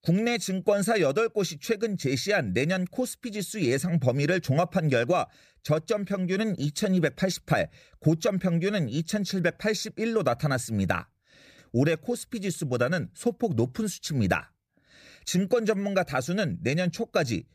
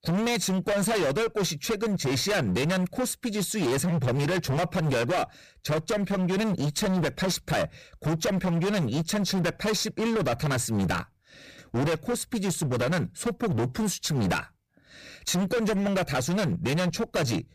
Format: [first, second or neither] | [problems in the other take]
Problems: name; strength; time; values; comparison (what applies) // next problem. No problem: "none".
first | distortion; heavy; 30% of the sound clipped